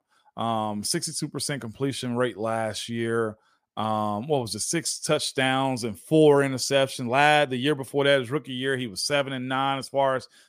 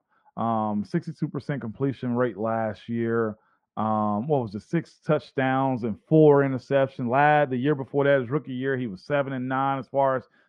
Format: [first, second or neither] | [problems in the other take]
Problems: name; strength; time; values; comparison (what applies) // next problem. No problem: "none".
first | muffled; very; fading above 1.5 kHz